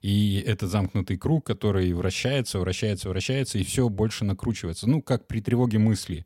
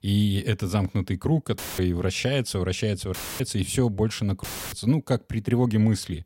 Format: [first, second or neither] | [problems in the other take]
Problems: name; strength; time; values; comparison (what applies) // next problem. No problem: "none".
first | audio cutting out; filled with static; at 1.5 s, at 3 s and at 4.5 s